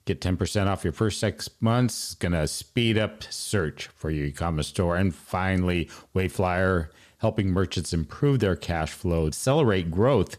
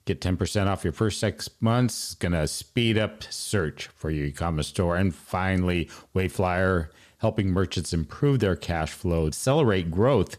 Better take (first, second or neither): neither